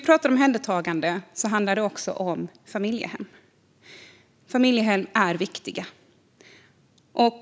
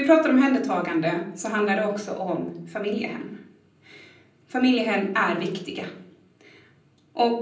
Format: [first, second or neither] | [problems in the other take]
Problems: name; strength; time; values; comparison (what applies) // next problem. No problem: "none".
first | room echo; dies away in 0.6 s